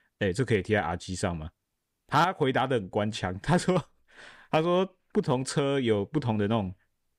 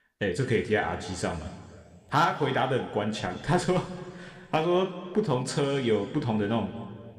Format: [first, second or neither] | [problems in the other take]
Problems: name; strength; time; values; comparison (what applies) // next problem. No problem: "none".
first | room echo; slight; dies away in 1.6 s